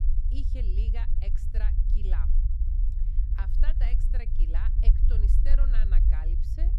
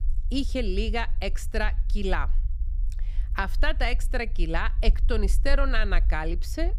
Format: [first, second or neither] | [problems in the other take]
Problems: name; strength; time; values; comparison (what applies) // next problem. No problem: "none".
second | low rumble; loud; throughout; 3 dB below the speech; faint in the second